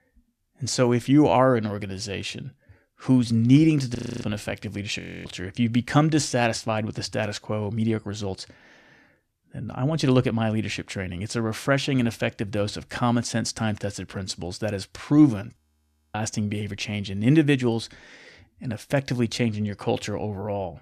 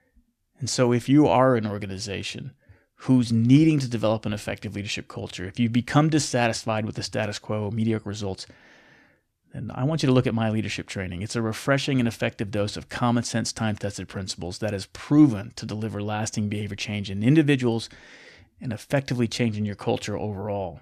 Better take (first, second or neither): second